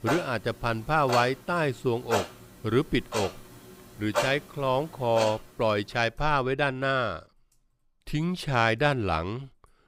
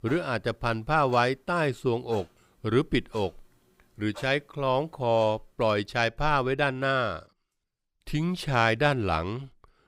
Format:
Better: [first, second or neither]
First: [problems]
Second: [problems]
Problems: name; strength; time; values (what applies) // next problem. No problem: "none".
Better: second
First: household noises; loud; throughout; 6 dB below the speech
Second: household noises; faint; throughout; 25 dB below the speech